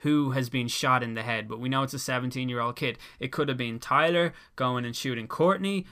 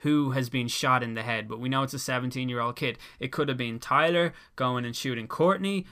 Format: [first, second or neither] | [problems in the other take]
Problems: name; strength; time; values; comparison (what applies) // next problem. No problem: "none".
neither | none